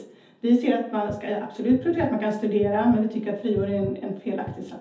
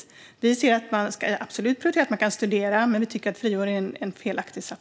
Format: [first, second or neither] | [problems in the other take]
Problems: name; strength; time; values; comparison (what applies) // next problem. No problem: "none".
second | background sound (Bass guitar); 15 dB below the speech // room echo; dies away in 0.5 s